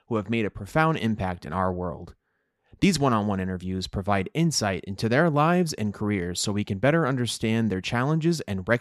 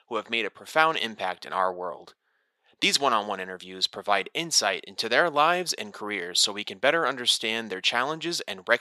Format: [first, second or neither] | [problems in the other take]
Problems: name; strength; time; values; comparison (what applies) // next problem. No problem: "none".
first | thin; very; fading below 550 Hz